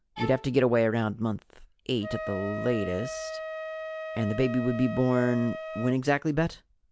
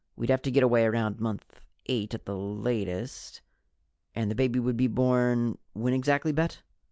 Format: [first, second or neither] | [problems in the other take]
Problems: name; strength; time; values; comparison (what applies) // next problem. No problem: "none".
second | background sound (Wind instrument, woodwind instrument + Bowed string instrument); 10 dB below the speech